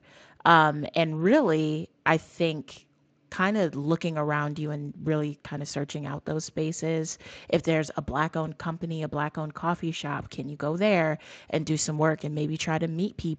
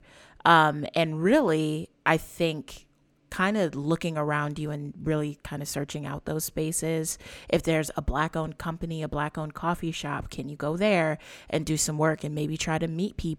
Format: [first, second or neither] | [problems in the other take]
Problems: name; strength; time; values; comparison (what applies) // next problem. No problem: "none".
second | garbled, watery; slightly; nothing above 7.5 kHz